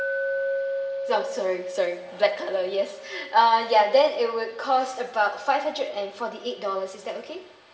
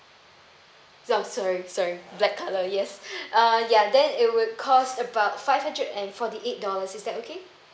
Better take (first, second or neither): second